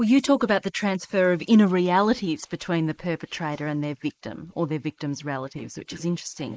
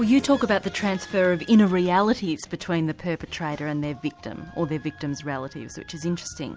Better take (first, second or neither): second